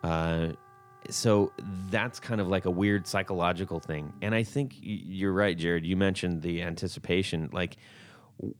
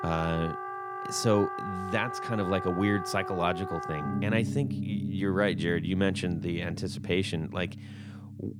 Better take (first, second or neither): first